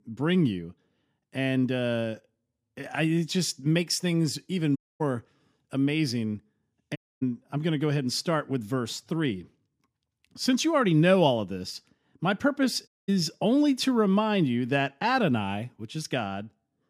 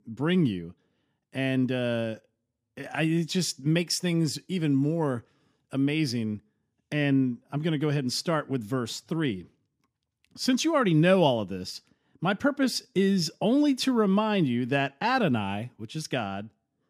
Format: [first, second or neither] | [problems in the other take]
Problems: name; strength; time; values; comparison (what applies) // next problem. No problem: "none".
second | audio cutting out; at 5 s, at 7 s and at 13 s